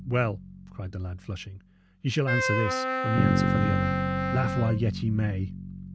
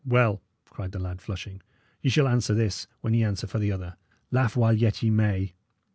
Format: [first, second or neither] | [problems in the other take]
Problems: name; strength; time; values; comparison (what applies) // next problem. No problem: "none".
second | background sound (Wind instrument, woodwind instrument + Bass guitar); as loud as the speech